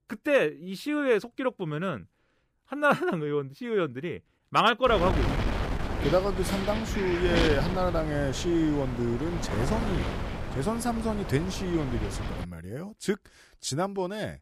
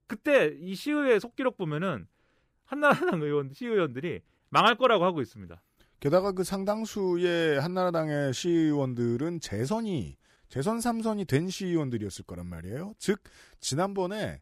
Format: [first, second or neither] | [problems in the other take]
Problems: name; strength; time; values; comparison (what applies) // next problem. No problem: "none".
second | wind noise on the microphone; heavy; from 5 to 12 s; 6 dB below the speech